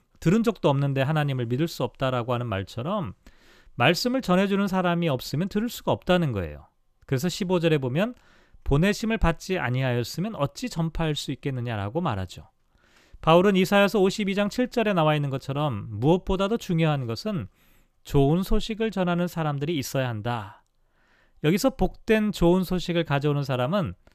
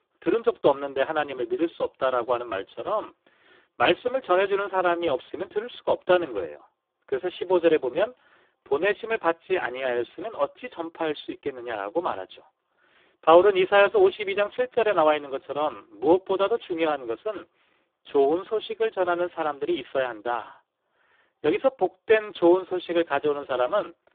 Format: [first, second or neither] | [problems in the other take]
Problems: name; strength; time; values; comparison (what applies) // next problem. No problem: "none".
first | phone-call audio; poor line